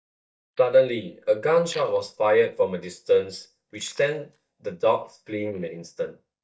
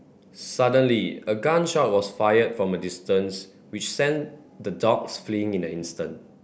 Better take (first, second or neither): second